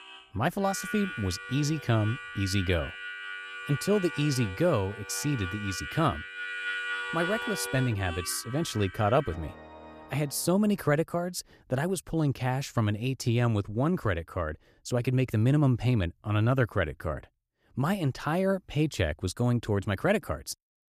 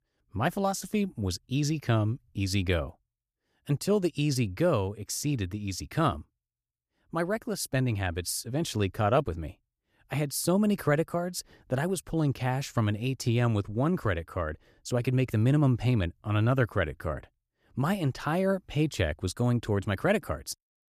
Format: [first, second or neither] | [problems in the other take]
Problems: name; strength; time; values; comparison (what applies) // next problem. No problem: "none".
second | background music; loud; until 11 s; 9 dB below the speech